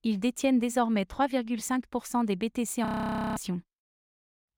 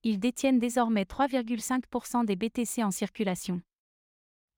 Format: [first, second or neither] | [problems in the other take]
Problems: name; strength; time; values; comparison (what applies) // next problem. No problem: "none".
second | audio freezing; at 3 s for 0.5 s